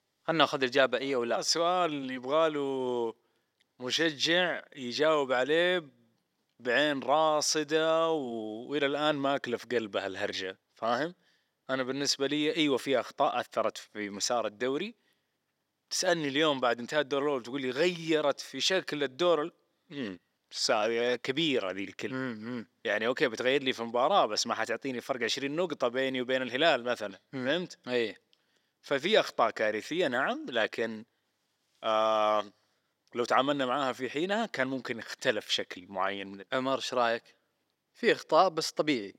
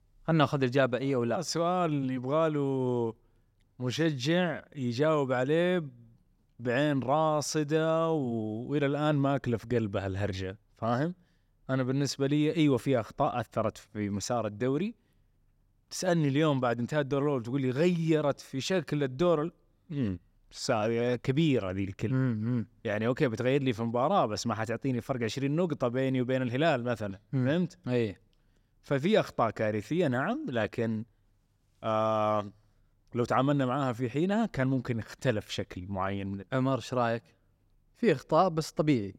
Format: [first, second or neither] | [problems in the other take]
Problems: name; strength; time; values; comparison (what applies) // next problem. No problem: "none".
second | thin; somewhat; fading below 350 Hz